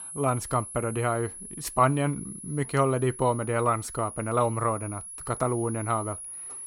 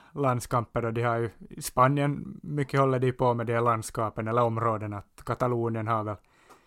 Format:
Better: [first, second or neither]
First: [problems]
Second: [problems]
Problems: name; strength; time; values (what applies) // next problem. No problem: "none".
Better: second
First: high-pitched whine; noticeable; throughout; 10.5 kHz, 10 dB below the speech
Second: none